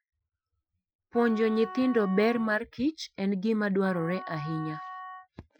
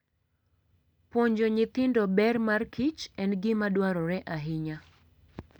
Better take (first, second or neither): second